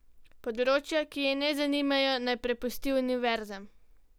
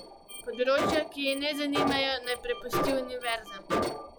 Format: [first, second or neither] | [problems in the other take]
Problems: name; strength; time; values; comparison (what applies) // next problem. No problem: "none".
first | noise reduction (classical method log-MMSE)